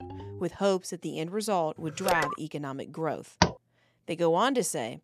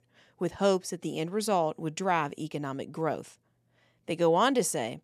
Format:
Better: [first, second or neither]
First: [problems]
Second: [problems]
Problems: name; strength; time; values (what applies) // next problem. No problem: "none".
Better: second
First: phone ringing; faint; at the start; peak 10 dB below the speech // phone ringing; loud; at 2 s; peak level with the speech // door banging; loud; at 3.5 s; peak 3 dB above the speech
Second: none